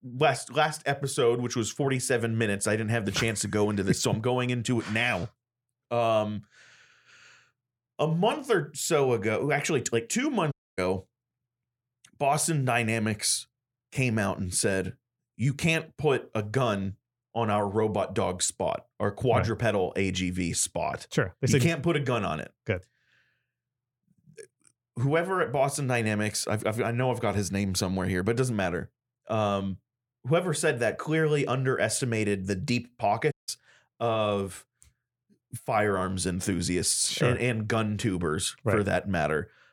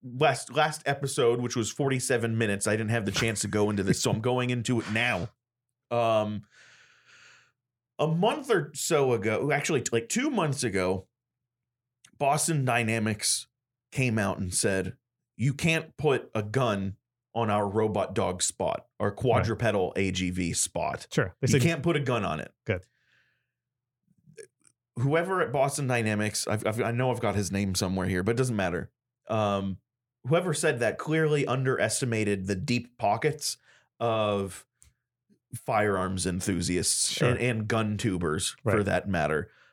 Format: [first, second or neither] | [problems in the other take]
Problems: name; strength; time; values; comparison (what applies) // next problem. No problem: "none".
second | audio cutting out; at 11 s and at 33 s